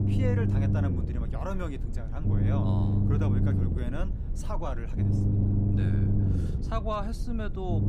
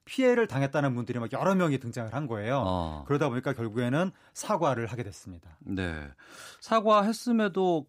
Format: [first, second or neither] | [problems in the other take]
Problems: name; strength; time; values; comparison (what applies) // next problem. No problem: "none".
second | low rumble; loud; throughout; as loud as the speech